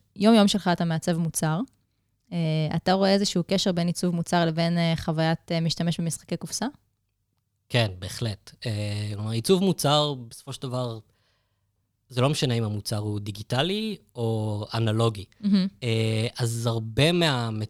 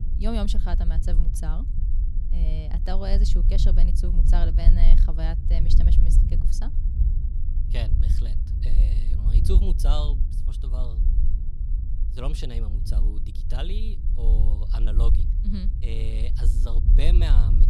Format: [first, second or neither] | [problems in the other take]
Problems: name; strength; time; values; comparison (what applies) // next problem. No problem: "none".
first | low rumble; loud; throughout; 6 dB below the speech